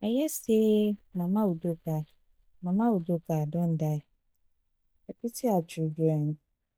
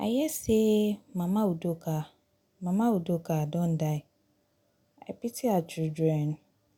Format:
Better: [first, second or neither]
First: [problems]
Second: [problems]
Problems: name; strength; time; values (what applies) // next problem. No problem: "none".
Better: second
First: noise reduction (neural mask model DeepFilterNet 3)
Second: none